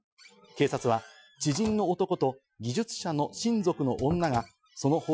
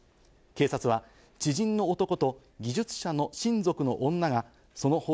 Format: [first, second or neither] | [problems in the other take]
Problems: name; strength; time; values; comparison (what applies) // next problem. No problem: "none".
second | noise reduction (classical method Wiener filter)